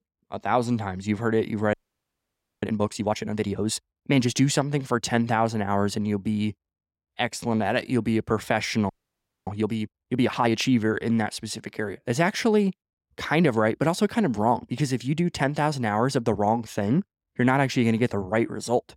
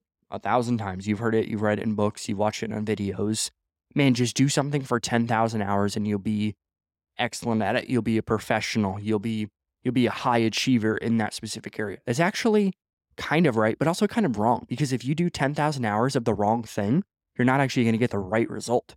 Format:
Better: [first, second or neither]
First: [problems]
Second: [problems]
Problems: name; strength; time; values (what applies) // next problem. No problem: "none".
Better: second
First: audio freezing; at 1.5 s for 1 s and at 9 s for 0.5 s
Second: none